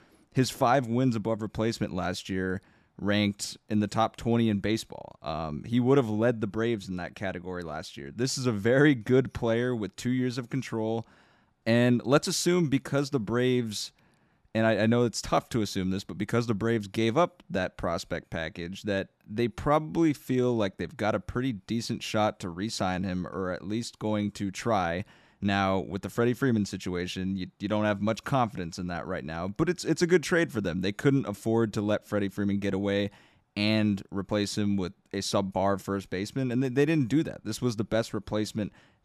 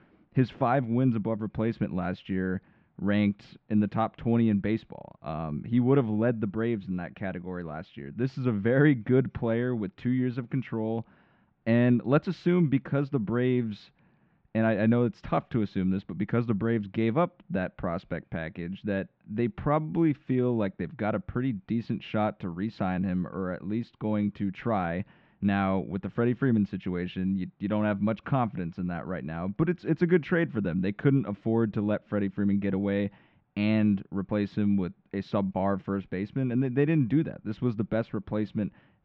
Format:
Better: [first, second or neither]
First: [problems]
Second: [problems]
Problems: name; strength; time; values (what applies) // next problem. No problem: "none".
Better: first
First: none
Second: muffled; very; fading above 3 kHz